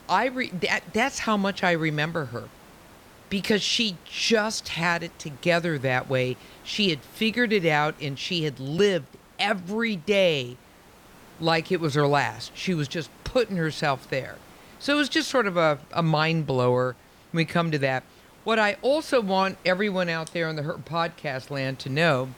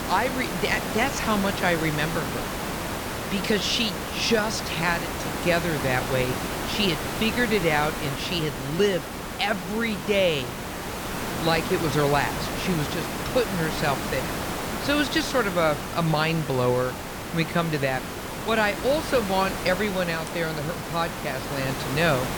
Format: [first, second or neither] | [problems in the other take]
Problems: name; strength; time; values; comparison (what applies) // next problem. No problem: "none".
first | hiss; loud; throughout; 5 dB below the speech; faint in the first